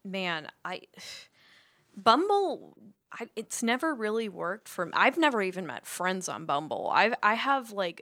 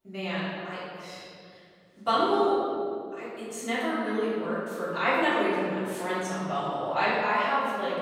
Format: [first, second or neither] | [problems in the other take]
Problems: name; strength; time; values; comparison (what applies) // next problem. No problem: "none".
first | room echo; strong; dies away in 2.3 s // off-mic speech; far